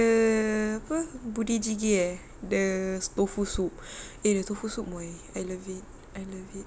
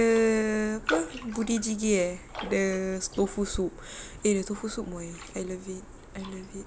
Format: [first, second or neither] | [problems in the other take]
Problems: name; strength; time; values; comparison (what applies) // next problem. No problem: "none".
first | background sound (Raindrop); 13 dB below the speech